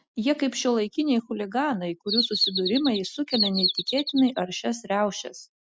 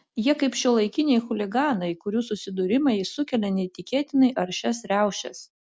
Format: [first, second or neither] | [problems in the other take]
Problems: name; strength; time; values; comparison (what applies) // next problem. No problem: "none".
second | noise reduction (classical method spectral subtraction)